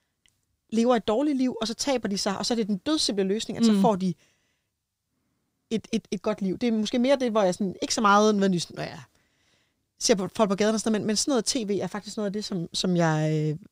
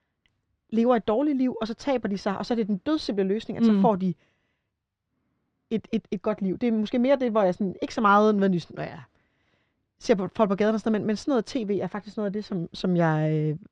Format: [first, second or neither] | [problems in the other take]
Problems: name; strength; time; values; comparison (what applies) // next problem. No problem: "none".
first | muffled; slightly; fading above 2.5 kHz